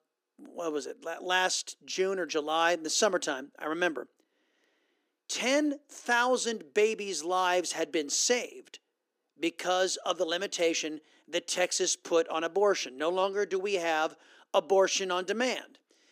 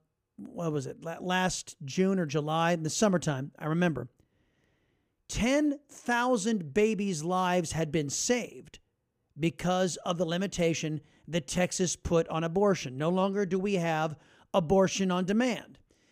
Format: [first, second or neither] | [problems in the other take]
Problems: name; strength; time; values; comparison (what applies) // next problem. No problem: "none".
second | thin; somewhat; fading below 300 Hz